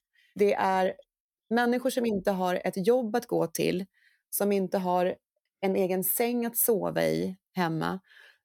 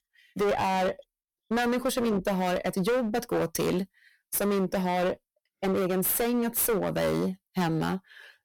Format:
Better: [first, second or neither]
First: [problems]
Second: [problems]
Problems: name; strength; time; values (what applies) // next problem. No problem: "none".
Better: first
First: none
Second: distortion; heavy; 20% of the sound clipped